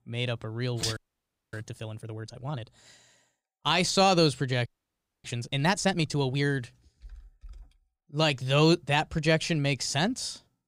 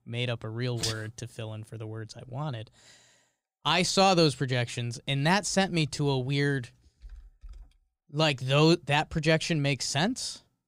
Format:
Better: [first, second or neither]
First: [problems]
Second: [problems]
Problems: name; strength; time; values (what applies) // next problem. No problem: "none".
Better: second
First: audio freezing; at 1 s for 0.5 s and at 4.5 s for 0.5 s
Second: none